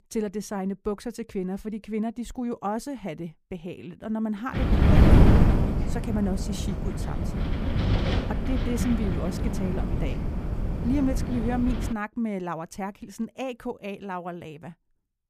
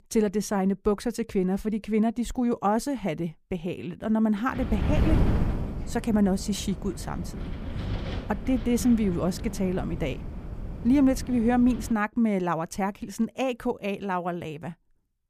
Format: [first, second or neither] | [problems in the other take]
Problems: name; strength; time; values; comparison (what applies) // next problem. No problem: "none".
second | wind noise on the microphone; heavy; from 4.5 to 12 s; 2 dB above the speech; occasional gusts in the second